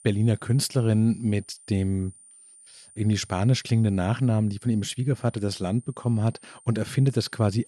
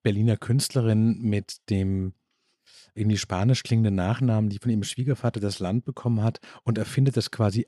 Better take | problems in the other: second | high-pitched whine; faint; throughout; 9 kHz, 25 dB below the speech

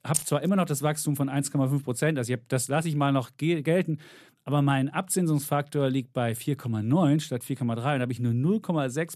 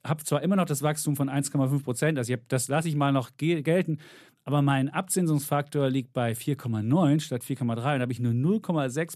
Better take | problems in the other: second | jangling keys; noticeable; at the start; peak 3 dB below the speech

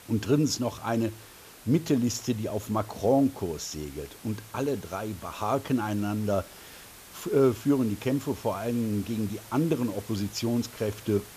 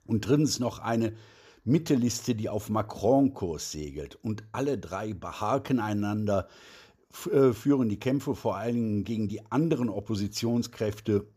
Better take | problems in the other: second | hiss; noticeable; throughout; 20 dB below the speech

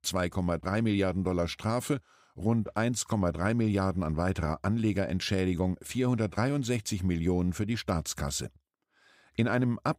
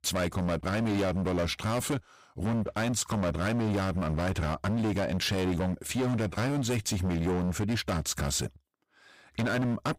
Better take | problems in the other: first | distortion; heavy; 24% of the sound clipped

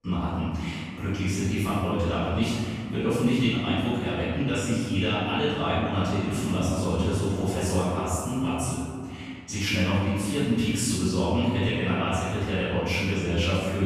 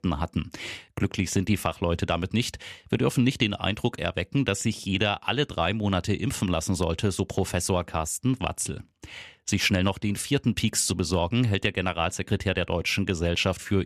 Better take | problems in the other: second | off-mic speech; far // room echo; strong; dies away in 2.1 s

